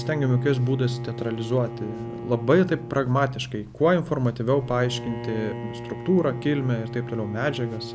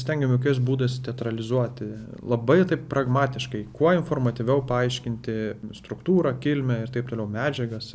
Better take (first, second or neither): second